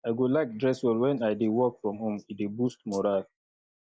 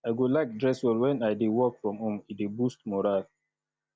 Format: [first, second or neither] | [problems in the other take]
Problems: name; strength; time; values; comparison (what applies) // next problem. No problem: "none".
second | noise reduction (neural mask model Resemble Enhance denoiser)